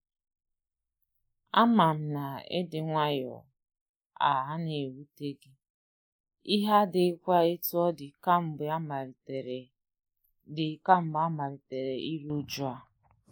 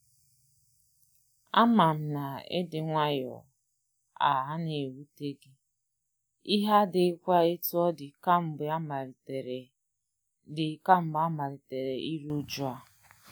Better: second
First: noise reduction (neural mask model Resemble Enhance denoiser)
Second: none

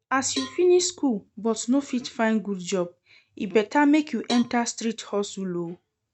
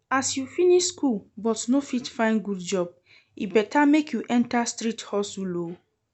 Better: second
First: noise reduction (neural mask model RNNoise)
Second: none

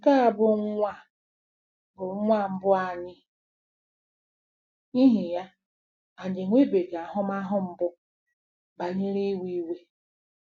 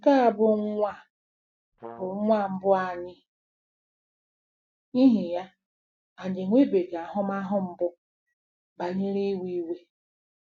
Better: first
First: none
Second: background sound (Brass instrument); 17 dB below the speech

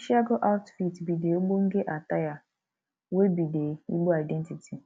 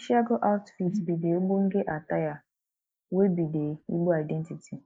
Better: first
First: none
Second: noise reduction (neural mask model Resemble Enhance denoiser)

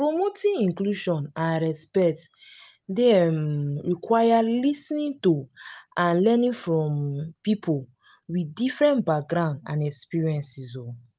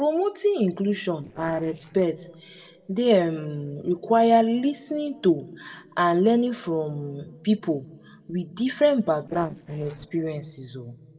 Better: first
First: none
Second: noise reduction (neural separator model SepFormer DNS4)

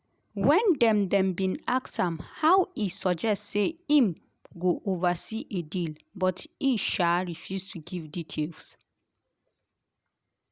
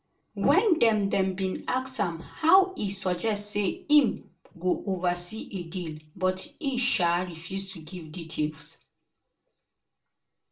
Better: first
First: none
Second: room echo; dies away in 0.2 s

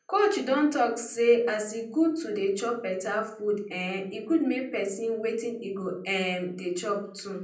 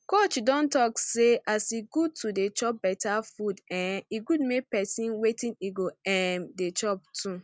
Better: second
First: room echo; dies away in 0.6 s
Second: none

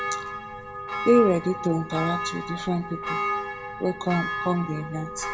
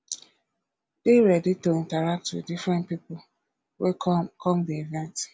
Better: second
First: background sound (Church bell); 5 dB below the speech // room echo; dies away in 0.6 s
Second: none

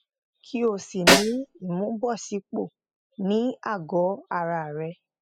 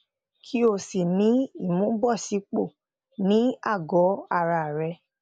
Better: second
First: noise reduction (classical method spectral subtraction)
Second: none

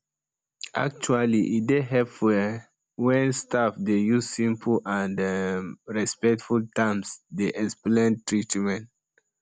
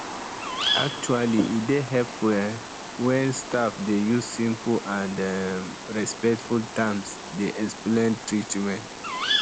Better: first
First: none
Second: background sound (Bird vocalization, bird call, bird song); 7 dB below the speech

